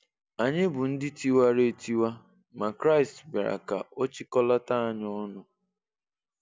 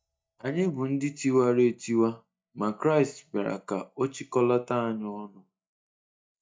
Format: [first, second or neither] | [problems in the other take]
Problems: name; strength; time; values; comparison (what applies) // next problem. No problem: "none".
first | noise reduction (neural mask model DeepFilterNet 3)